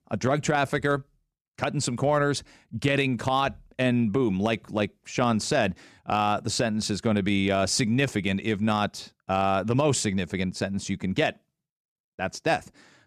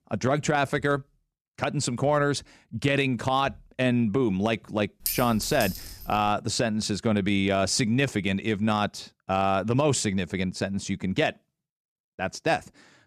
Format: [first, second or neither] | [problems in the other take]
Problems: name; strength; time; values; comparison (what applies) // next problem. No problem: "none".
first | clattering dishes; noticeable; from 5 to 6.5 s; peak 4 dB below the speech